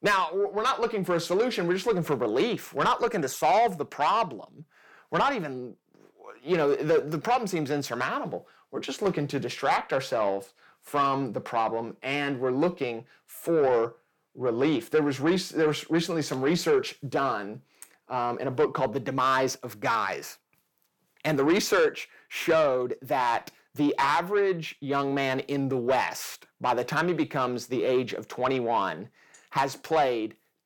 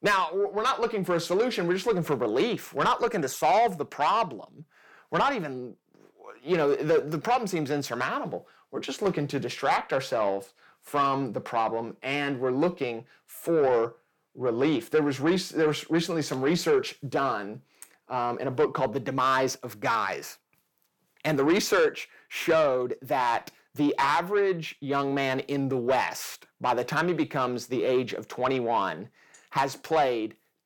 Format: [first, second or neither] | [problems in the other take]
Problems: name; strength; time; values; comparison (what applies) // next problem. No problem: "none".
neither | distortion; slight; 10 dB below the speech; the same in both